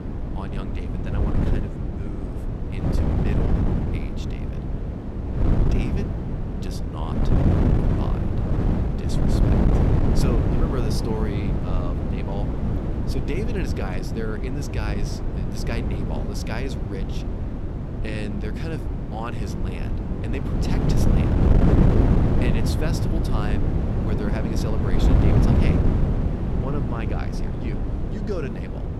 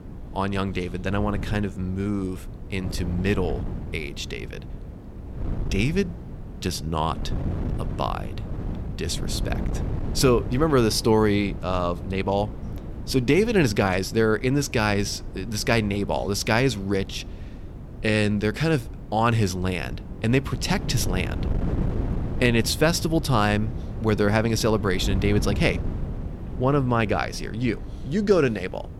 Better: second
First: wind noise on the microphone; heavy; 4 dB above the speech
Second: wind noise on the microphone; occasional gusts; 15 dB below the speech

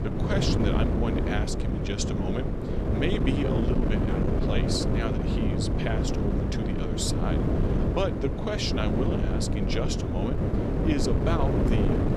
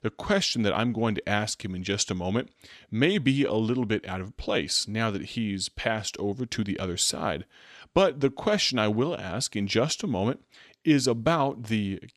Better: second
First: wind noise on the microphone; heavy; 1 dB above the speech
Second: none

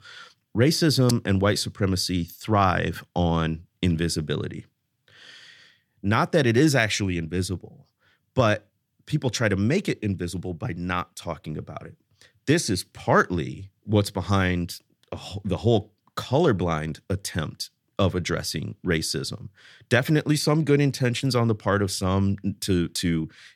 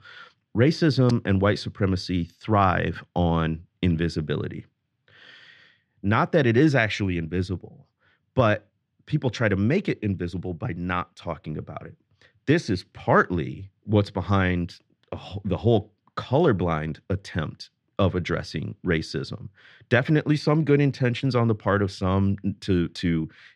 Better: first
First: none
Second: muffled; slightly; fading above 3 kHz

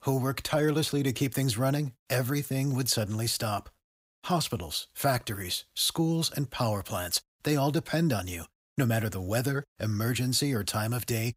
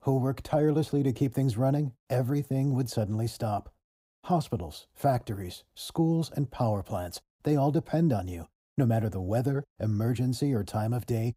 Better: first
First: none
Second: muffled; slightly; fading above 1 kHz

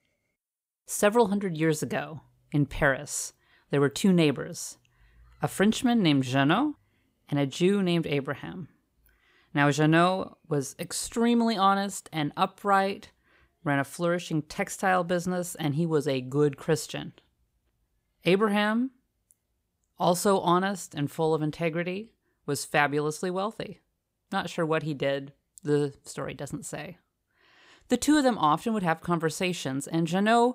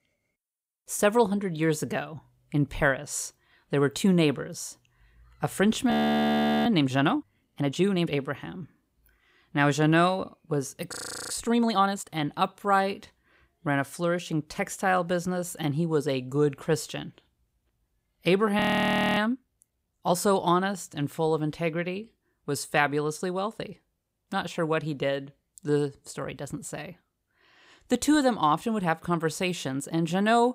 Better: first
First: none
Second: audio freezing; at 6 s for 1 s, at 11 s and at 19 s for 0.5 s

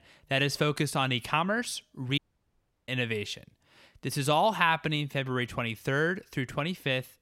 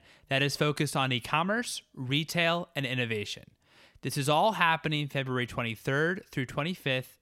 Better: second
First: audio cutting out; at 2 s for 0.5 s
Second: none

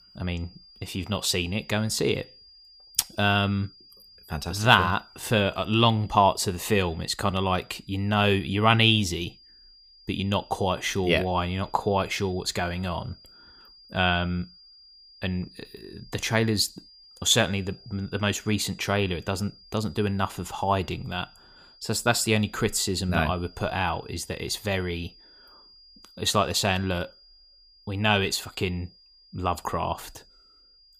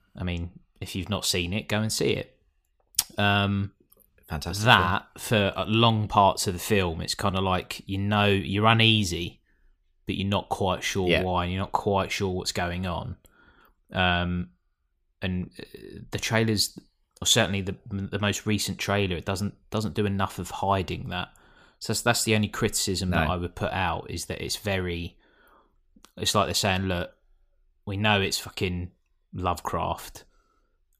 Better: second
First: high-pitched whine; faint; throughout; 5 kHz, 25 dB below the speech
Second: none

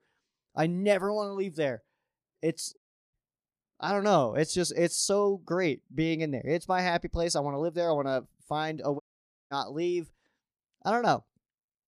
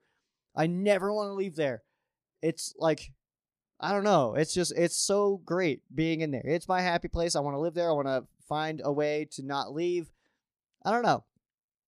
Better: second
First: audio cutting out; at 3 s and at 9 s for 0.5 s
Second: none

